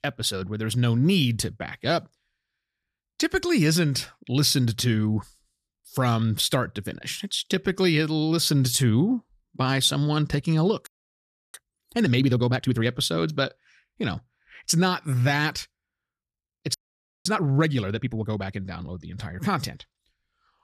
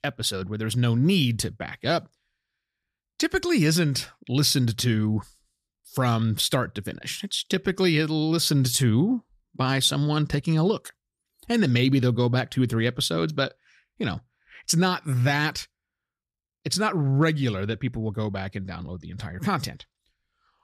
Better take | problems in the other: second | audio freezing; at 11 s for 0.5 s and at 17 s for 0.5 s

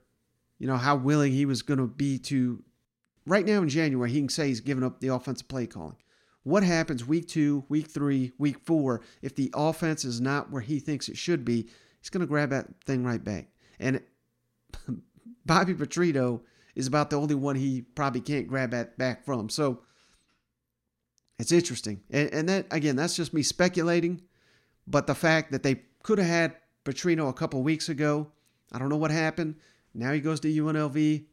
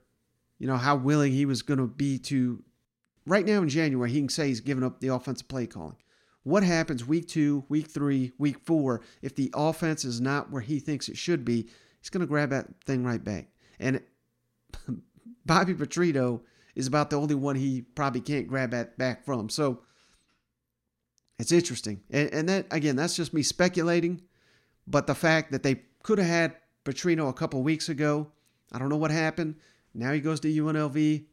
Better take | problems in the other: neither | none

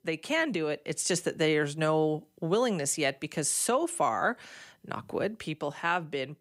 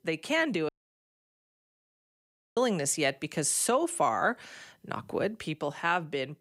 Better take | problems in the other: first | audio cutting out; at 0.5 s for 2 s

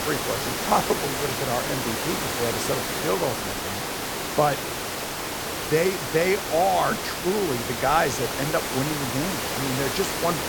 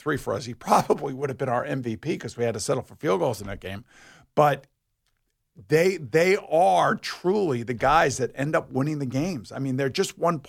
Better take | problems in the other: second | hiss; loud; throughout; 1 dB below the speech

